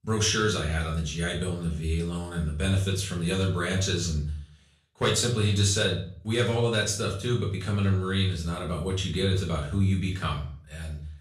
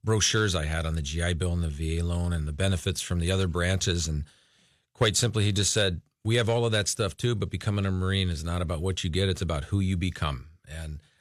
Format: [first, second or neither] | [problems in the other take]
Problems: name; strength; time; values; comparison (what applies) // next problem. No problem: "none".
second | off-mic speech; far // room echo; slight; dies away in 0.4 s